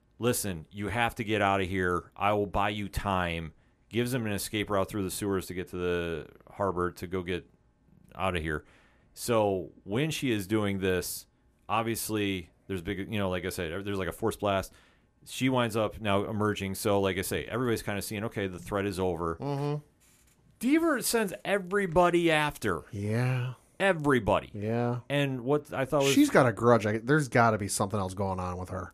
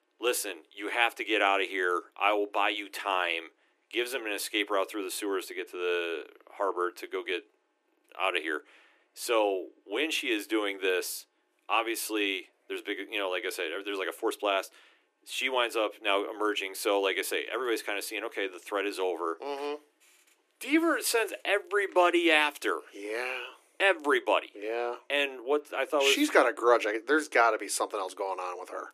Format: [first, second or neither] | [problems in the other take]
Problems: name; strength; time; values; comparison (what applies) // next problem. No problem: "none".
first | thin; somewhat; fading below 300 Hz